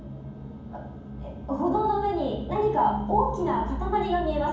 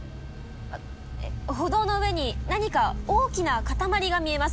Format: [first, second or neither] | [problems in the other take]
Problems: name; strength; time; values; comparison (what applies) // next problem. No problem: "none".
second | room echo; dies away in 1.2 s